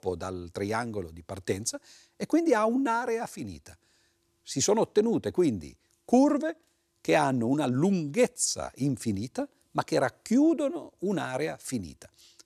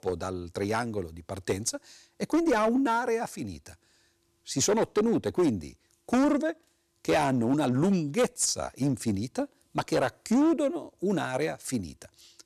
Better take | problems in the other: first | distortion; slight; 6% of the sound clipped

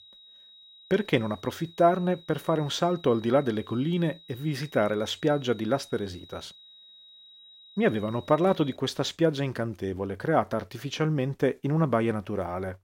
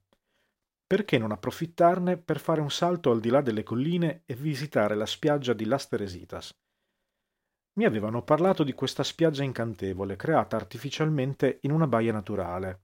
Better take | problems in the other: second | high-pitched whine; faint; until 9 s; 4 kHz, 20 dB below the speech

